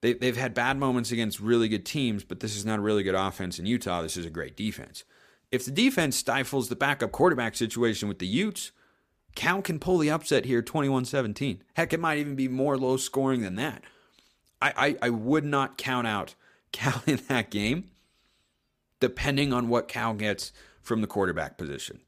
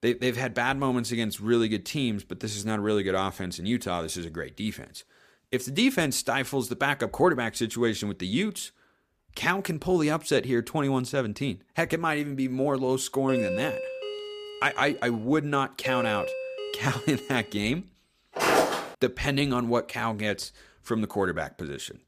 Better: first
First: none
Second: doorbell; noticeable; from 13 to 17 s; peak 2 dB below the speech // footsteps; loud; at 18 s; peak 5 dB above the speech

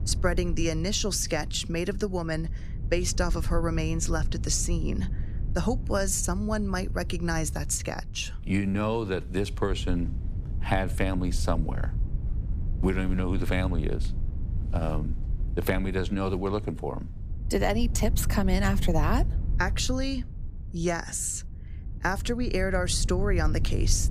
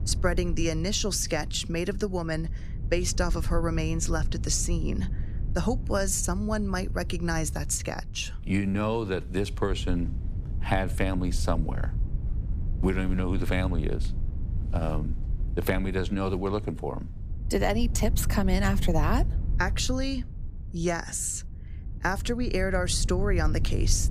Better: neither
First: low rumble; noticeable; throughout; 20 dB below the speech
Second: low rumble; noticeable; throughout; 20 dB below the speech

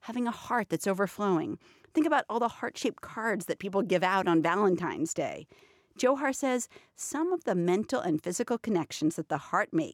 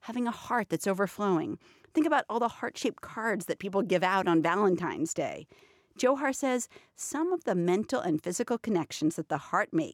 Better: neither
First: none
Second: none

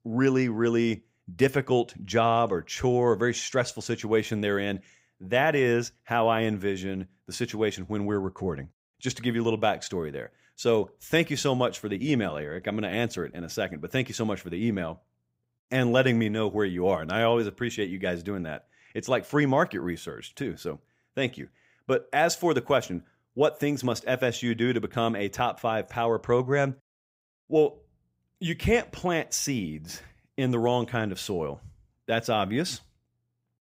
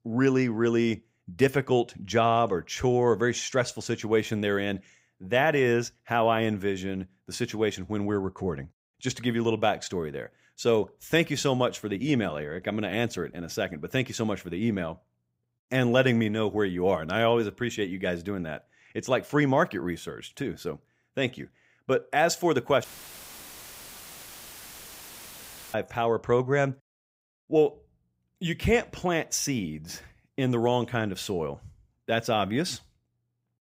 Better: first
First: none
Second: audio cutting out; filled with static; at 23 s for 3 s

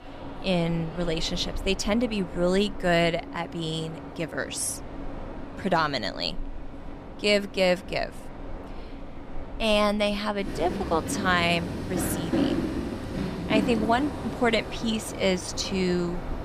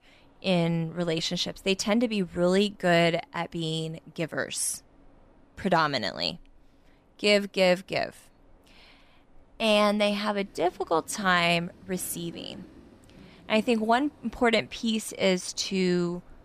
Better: second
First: train or aircraft noise; loud; throughout; 8 dB below the speech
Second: train or aircraft noise; faint; throughout; 30 dB below the speech

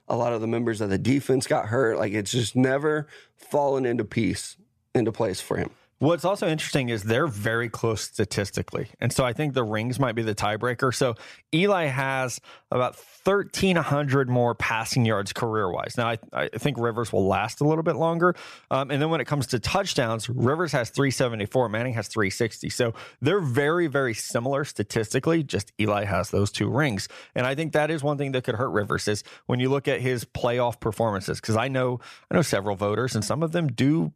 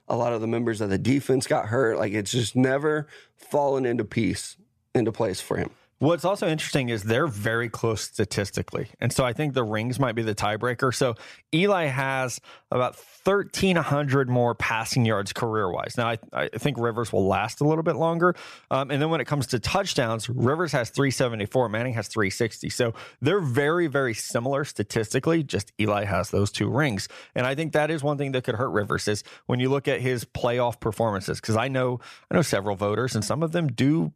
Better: neither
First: none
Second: none

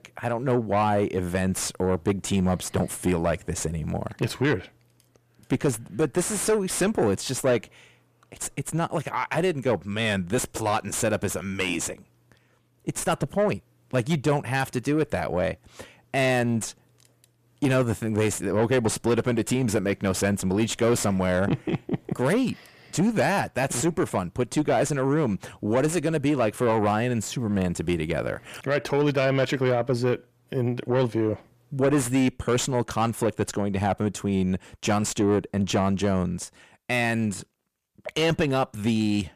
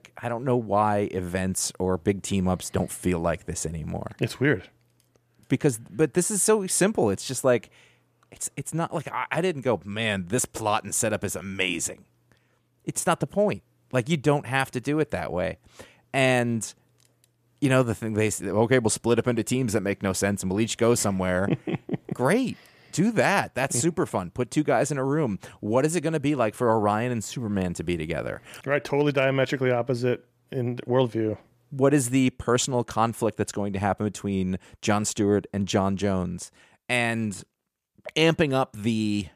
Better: second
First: distortion; slight; 9 dB below the speech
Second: none

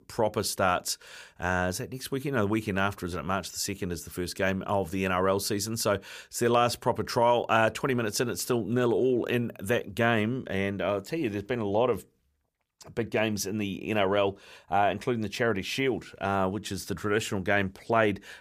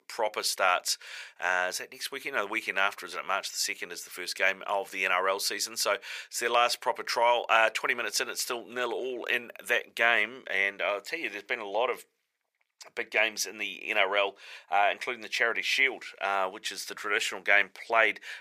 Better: first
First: none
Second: thin; very; fading below 650 Hz

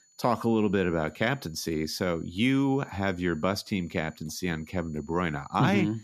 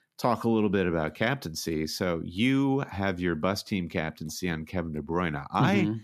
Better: second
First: high-pitched whine; faint; throughout; 7 kHz, 30 dB below the speech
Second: none

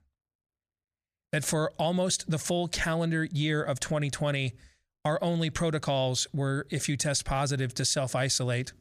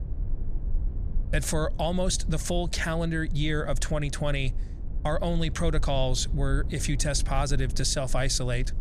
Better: first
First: none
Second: low rumble; faint; throughout; 20 dB below the speech

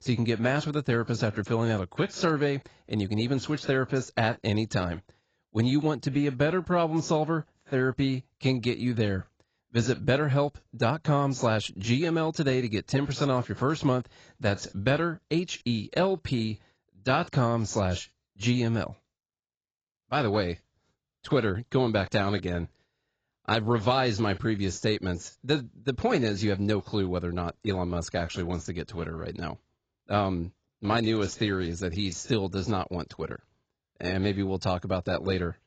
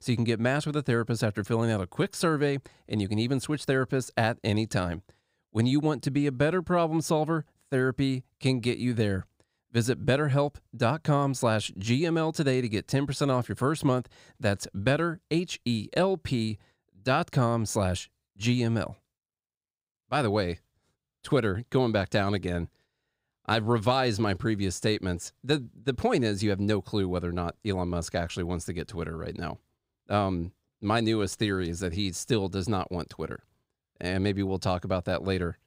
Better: second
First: garbled, watery; badly; nothing above 7.5 kHz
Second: none

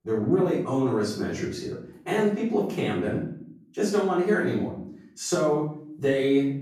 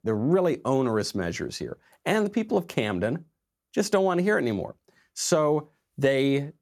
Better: second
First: off-mic speech; far // room echo; noticeable; dies away in 0.6 s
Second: none

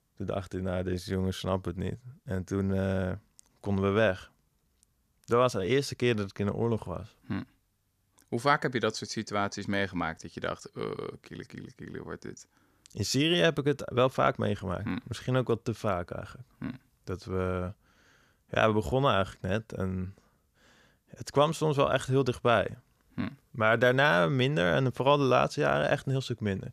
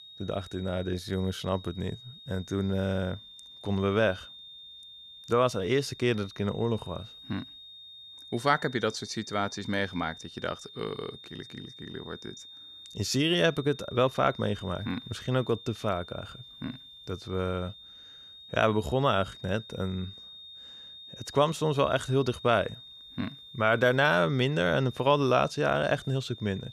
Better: first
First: none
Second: high-pitched whine; noticeable; throughout; 3.5 kHz, 15 dB below the speech

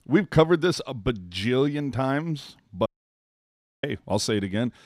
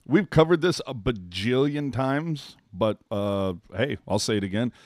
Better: second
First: audio cutting out; at 3 s for 1 s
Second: none

